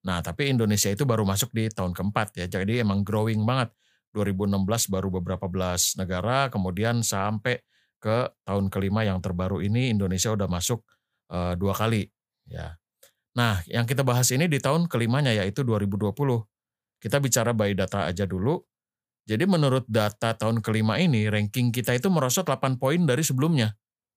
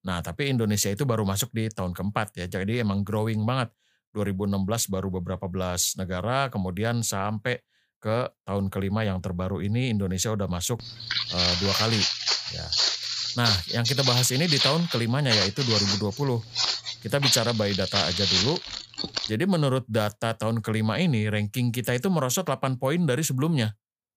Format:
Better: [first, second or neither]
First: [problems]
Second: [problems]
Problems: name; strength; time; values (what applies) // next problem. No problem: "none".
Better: first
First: none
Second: footsteps; loud; from 11 to 19 s; peak 5 dB above the speech